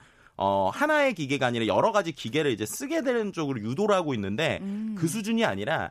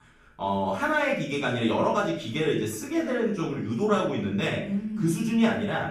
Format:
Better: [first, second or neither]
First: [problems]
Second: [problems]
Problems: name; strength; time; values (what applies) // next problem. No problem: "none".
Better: first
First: none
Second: room echo; noticeable; dies away in 0.5 s // off-mic speech; far